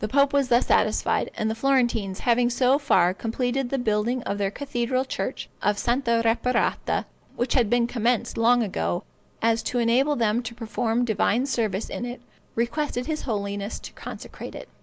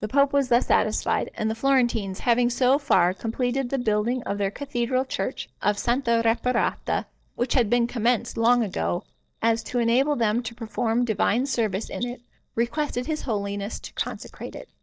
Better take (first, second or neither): first